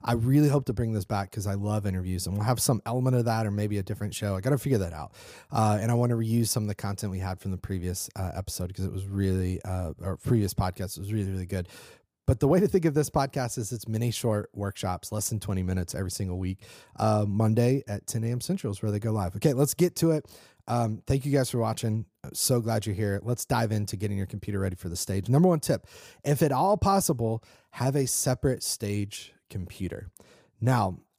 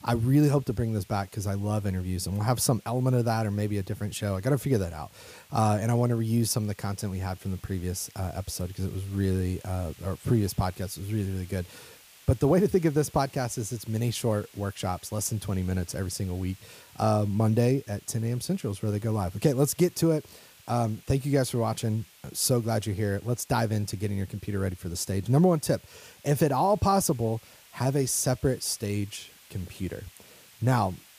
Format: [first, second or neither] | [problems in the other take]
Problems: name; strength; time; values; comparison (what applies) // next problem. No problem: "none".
first | hiss; faint; throughout; 25 dB below the speech